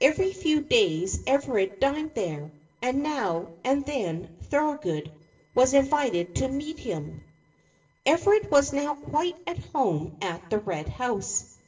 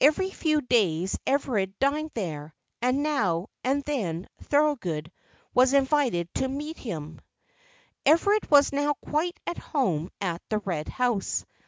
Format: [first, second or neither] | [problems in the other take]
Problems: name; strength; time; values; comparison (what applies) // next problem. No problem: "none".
second | noise reduction (neural separator model SepFormer DNS4)